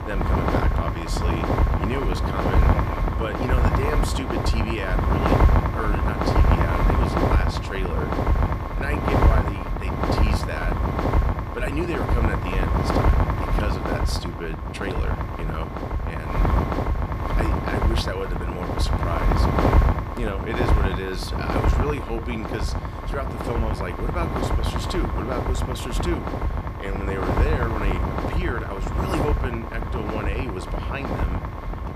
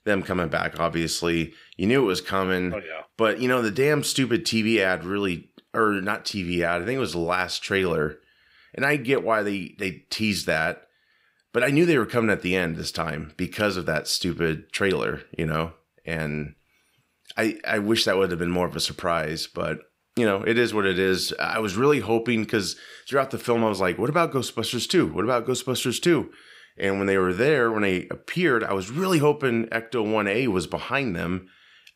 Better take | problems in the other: second | wind noise on the microphone; heavy; 4 dB above the speech

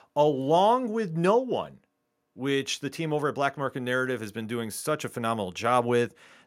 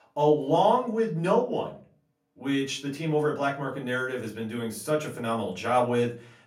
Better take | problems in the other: first | off-mic speech; far // room echo; very slight; dies away in 0.3 s

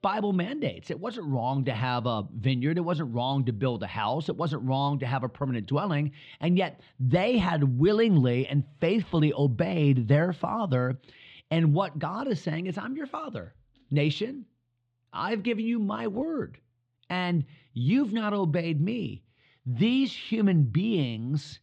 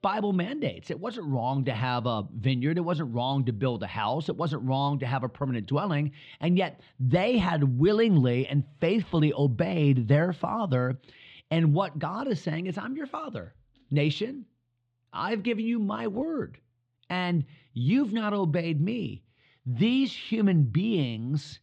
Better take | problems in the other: neither | muffled; slightly; fading above 3.5 kHz; the same in both

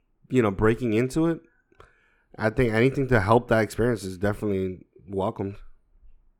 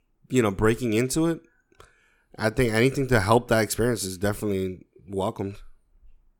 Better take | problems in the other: second | muffled; slightly; fading above 3.5 kHz

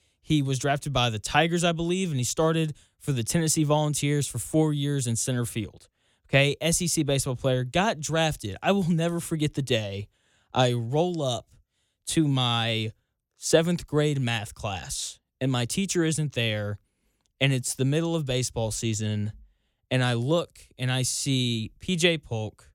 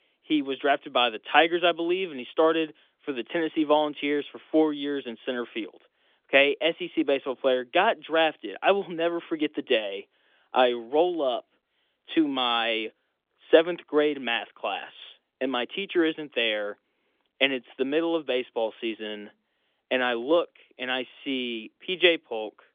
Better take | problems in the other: first | phone-call audio; nothing above 3.5 kHz

